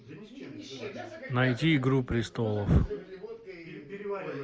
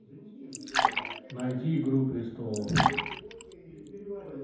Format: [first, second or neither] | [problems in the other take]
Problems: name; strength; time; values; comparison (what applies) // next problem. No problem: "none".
first | background sound (Fill (with liquid)); 1 dB below the speech // room echo; dies away in 0.9 s